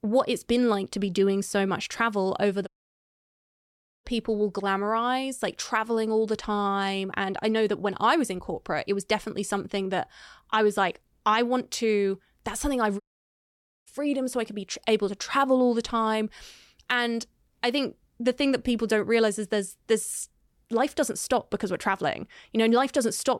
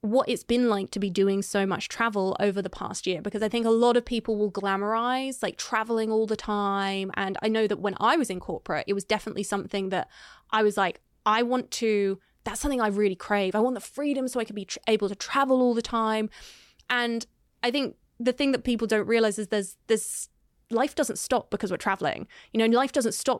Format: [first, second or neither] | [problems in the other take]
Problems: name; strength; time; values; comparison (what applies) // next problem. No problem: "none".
second | audio cutting out; at 2.5 s for 1.5 s and at 13 s for 1 s